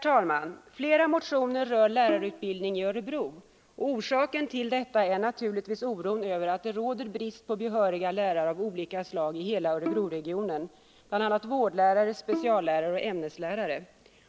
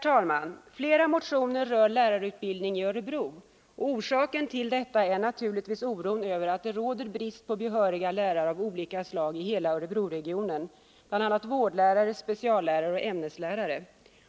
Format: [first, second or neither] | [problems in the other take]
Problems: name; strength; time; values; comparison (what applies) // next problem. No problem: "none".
second | background sound (Bowed string instrument); 12 dB below the speech